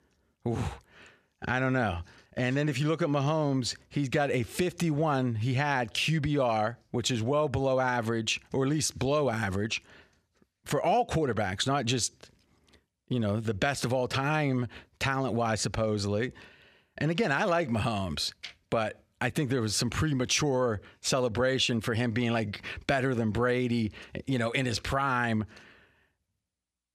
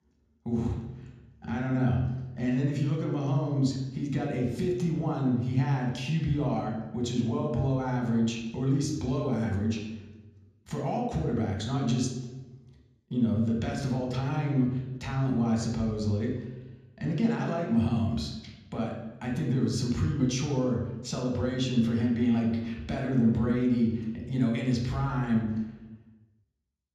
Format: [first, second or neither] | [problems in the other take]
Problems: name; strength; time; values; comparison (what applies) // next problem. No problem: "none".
first | room echo; noticeable; dies away in 1.4 s // off-mic speech; far